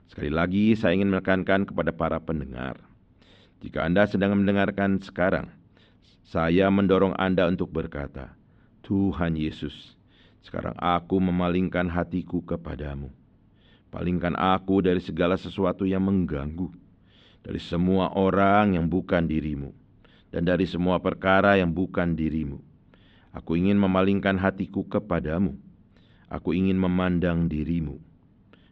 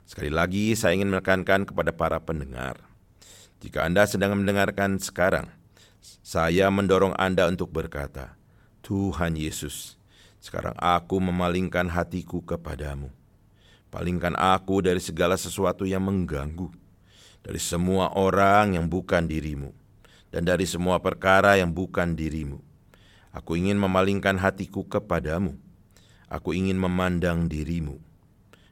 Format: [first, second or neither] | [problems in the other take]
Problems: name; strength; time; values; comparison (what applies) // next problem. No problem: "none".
second | muffled; slightly; fading above 3.5 kHz